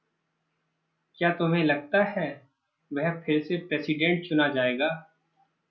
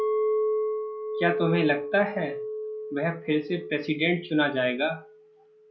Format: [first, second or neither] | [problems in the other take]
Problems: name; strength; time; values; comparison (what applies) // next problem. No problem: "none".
first | background sound (Chink, clink); 3 dB below the speech